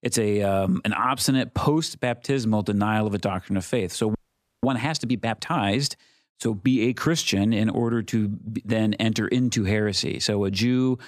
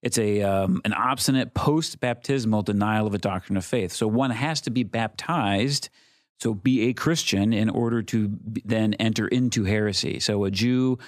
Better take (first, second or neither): second